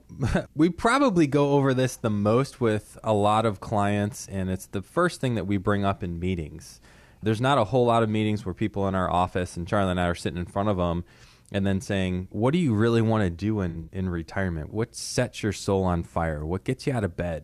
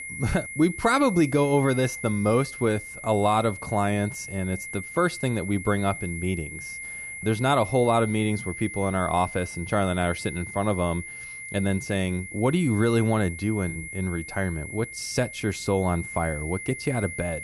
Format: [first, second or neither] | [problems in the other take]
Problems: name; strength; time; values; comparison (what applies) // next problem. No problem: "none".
first | high-pitched whine; loud; throughout; 2 kHz, 10 dB below the speech